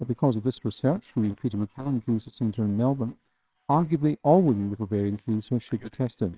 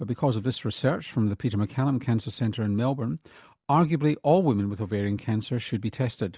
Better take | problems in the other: second | noise reduction (neural separator model SepFormer WHAMR!)

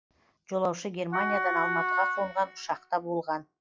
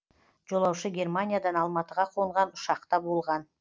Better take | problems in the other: second | noise reduction (classical method log-MMSE)

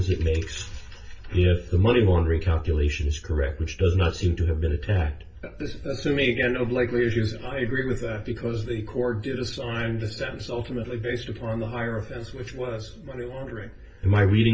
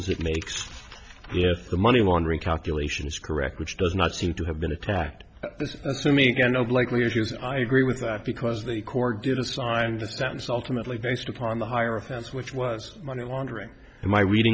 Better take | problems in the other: second | room echo; dies away in 0.2 s

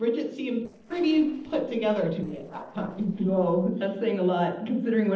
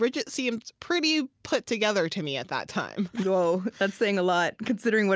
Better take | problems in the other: second | noise reduction (neural separator model SepFormer DNS4)

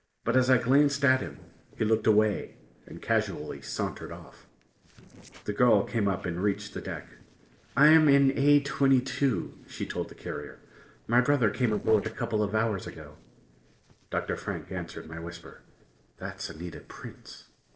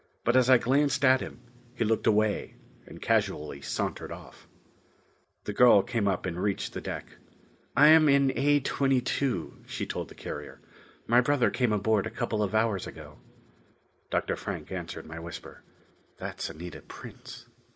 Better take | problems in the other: second | noise reduction (neural separator model SepFormer DNS4)

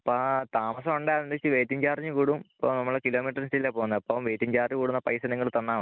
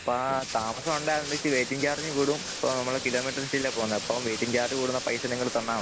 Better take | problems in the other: first | background sound (Bathtub (filling or washing)); 7 dB below the speech

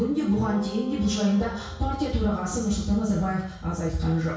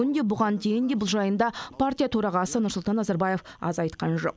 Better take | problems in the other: second | background sound (Guitar); 18 dB below the speech // room echo; dies away in 0.6 s

